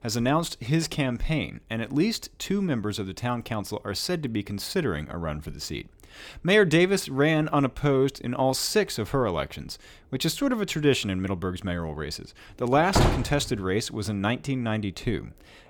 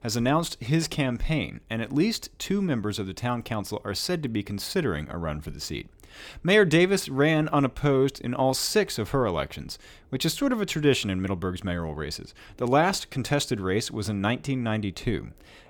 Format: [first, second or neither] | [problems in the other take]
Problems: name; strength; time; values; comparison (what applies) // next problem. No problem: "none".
second | door banging; loud; at 13 s; peak 3 dB above the speech